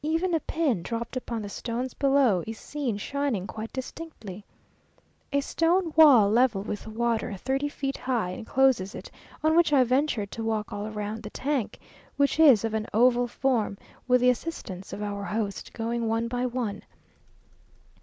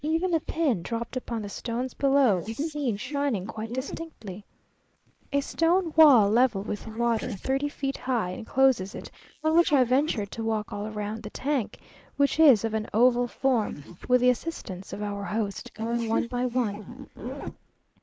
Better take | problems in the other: first | noise reduction (neural mask model Resemble Enhance denoiser)

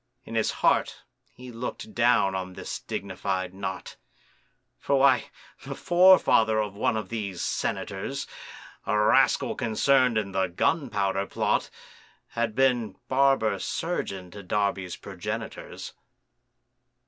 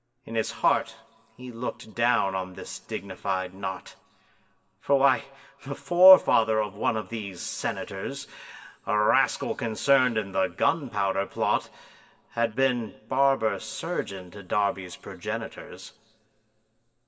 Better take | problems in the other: first | room echo; dies away in 1.9 s

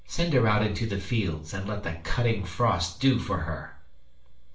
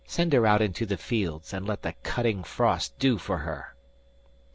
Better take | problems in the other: second | room echo; dies away in 0.4 s

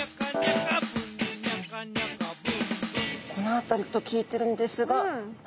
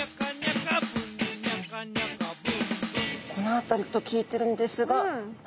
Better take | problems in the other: second | background sound (Piano); 1 dB above the speech

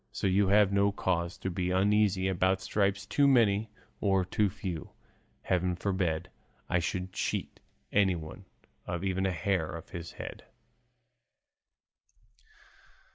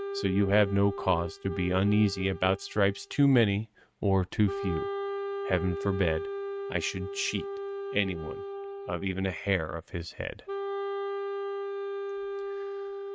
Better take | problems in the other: first | noise reduction (neural mask model RNNoise)

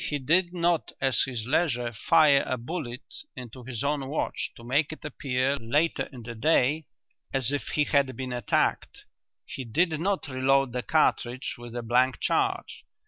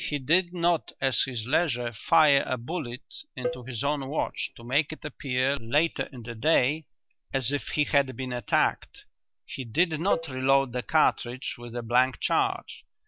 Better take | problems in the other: first | background sound (Cowbell); 11 dB below the speech

